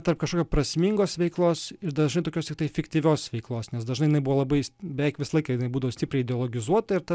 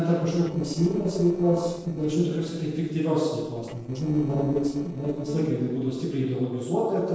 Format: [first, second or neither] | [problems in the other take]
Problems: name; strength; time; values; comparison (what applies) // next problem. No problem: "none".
first | noise reduction (neural separator model SepFormer DNS4)